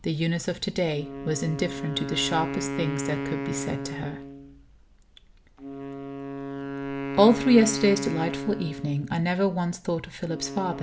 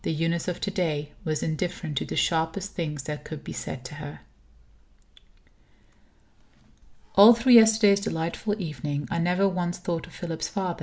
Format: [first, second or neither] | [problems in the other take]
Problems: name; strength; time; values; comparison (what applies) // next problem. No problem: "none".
second | background sound (Wind instrument, woodwind instrument); 8 dB below the speech